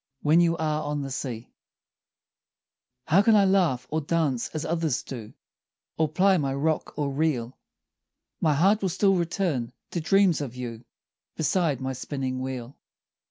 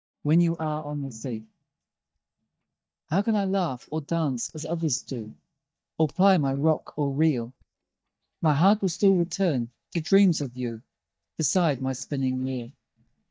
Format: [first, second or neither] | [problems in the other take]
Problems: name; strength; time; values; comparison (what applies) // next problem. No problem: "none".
first | noise reduction (neural mask model DeepFilterNet 3)